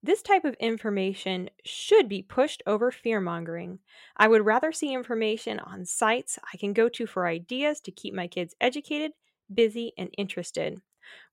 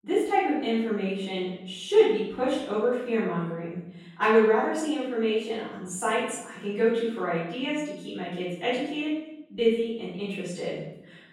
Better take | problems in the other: first | room echo; strong; dies away in 0.9 s // off-mic speech; far

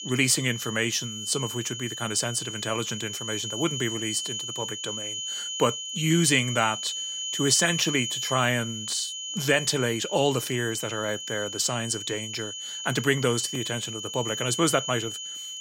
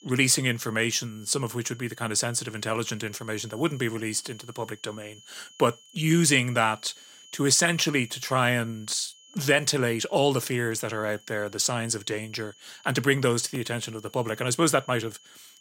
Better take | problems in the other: second | high-pitched whine; loud; throughout; 3 kHz, 5 dB below the speech; faint in the second

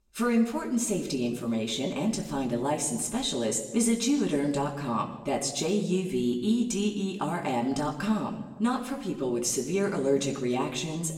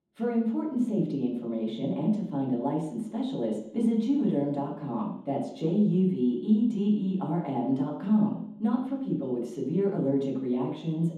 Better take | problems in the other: first | room echo; strong; dies away in 0.9 s; slight in the first // off-mic speech; far; somewhat distant in the first

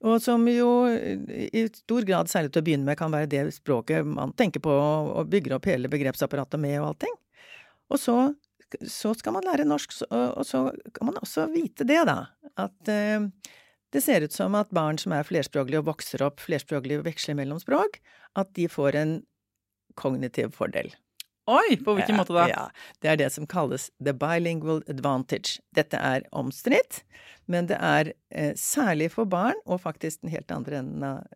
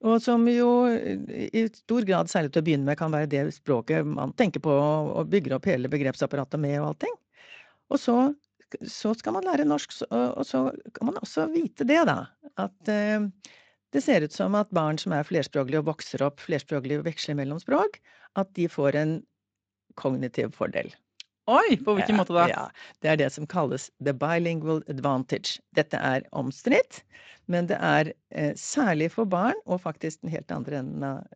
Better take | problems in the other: first | garbled, watery; slightly; nothing above 7.5 kHz

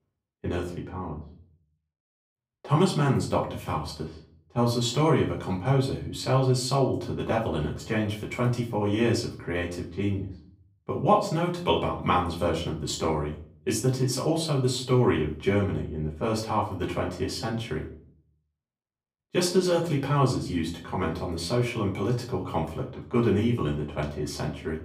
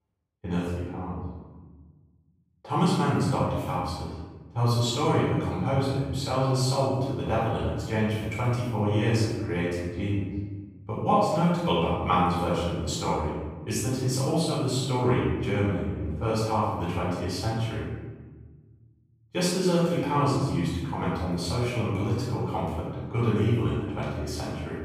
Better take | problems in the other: first | room echo; strong; dies away in 1.3 s; slight in the first // off-mic speech; far; far in the first

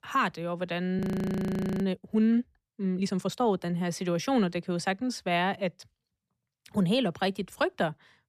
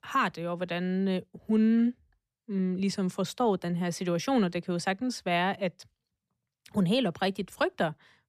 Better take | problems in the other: second | audio freezing; at 1 s for 1 s

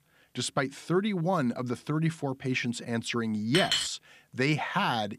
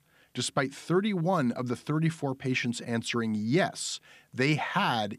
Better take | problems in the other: second | clattering dishes; loud; at 3.5 s; peak 3 dB above the speech

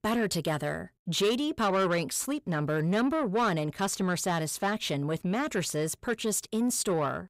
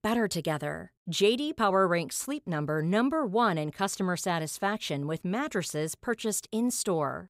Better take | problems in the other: second | distortion; slight; 10 dB below the speech

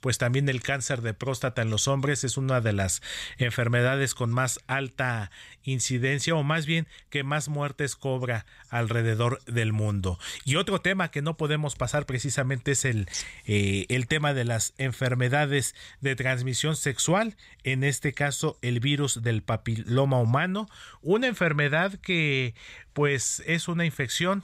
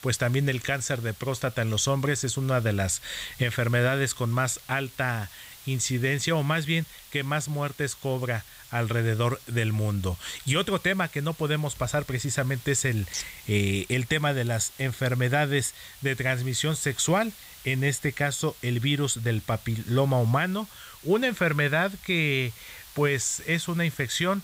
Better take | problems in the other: first | hiss; noticeable; throughout; 20 dB below the speech

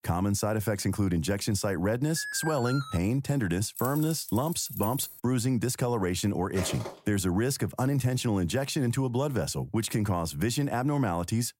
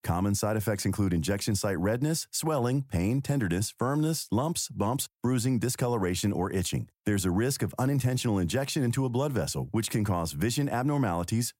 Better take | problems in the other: second | alarm; noticeable; at 2 s; peak 7 dB below the speech // jangling keys; noticeable; from 4 to 5 s; peak 8 dB below the speech // footsteps; noticeable; at 6.5 s; peak 8 dB below the speech

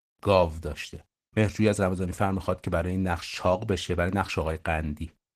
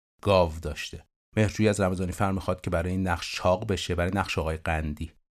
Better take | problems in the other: second | garbled, watery; slightly; nothing above 14.5 kHz

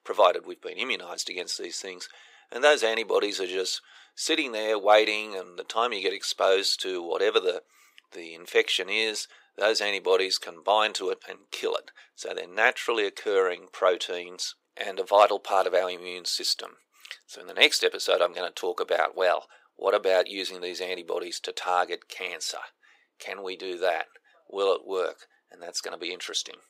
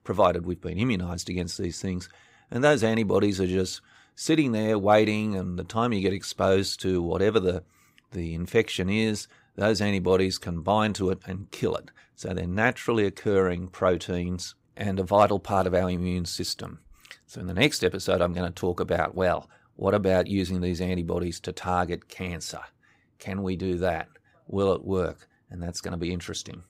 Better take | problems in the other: second | thin; very; fading below 400 Hz

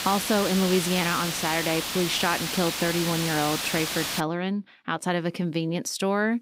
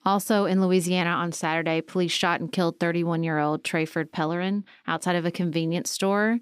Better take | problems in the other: second | hiss; loud; until 4 s; 2 dB below the speech

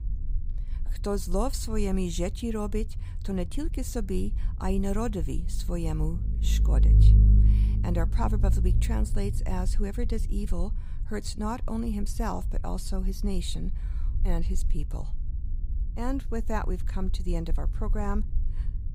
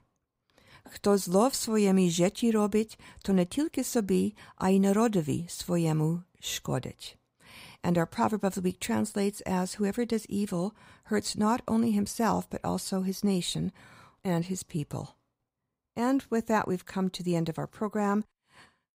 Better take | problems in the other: second | low rumble; noticeable; throughout; 10 dB below the speech

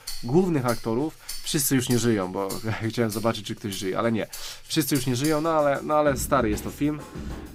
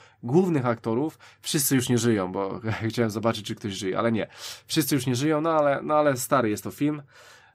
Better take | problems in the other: second | background music; noticeable; throughout; 15 dB below the speech

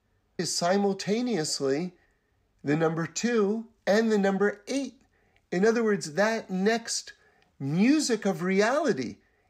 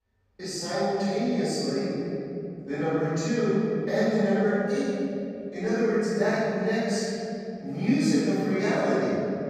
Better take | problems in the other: first | off-mic speech; far // room echo; strong; dies away in 3 s

